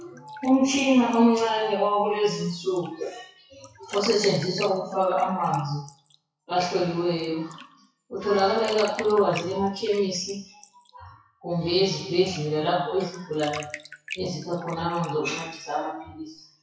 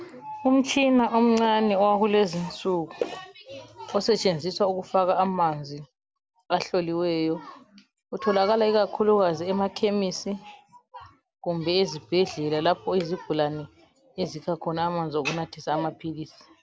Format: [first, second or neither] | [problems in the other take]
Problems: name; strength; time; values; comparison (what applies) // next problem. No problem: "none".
second | noise reduction (classical method WPE with log-MMSE)